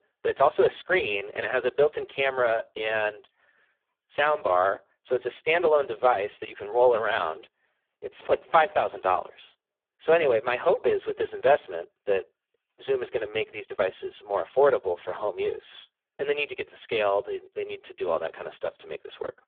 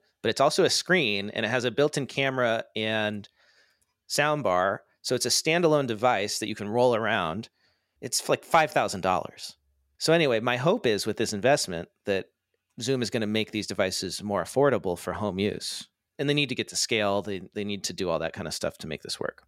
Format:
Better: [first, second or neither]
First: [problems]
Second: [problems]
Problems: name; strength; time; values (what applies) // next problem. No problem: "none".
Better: second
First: phone-call audio; poor line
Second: none